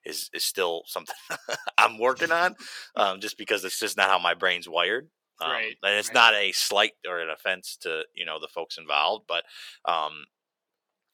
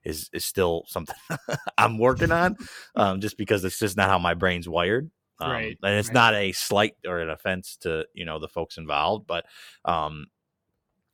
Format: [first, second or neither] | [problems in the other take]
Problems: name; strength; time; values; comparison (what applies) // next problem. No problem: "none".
second | thin; very; fading below 450 Hz